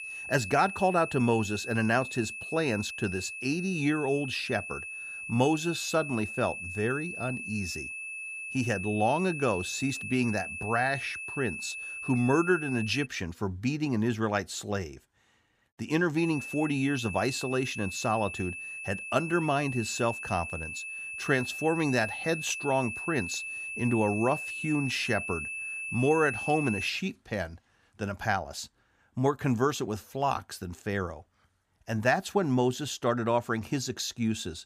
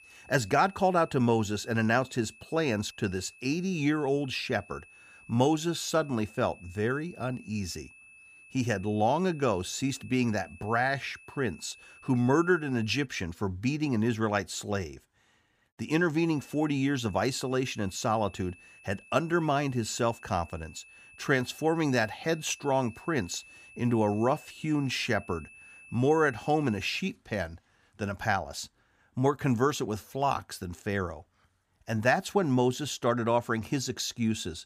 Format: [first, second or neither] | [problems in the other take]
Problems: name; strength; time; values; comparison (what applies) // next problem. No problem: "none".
second | high-pitched whine; loud; until 13 s and from 16 to 27 s; 2.5 kHz, 6 dB below the speech; faint in the second